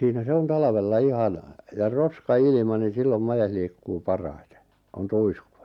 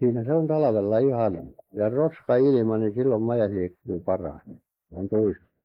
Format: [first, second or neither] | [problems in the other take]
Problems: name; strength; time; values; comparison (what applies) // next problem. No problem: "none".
first | noise reduction (neural mask model Resemble Enhance denoiser)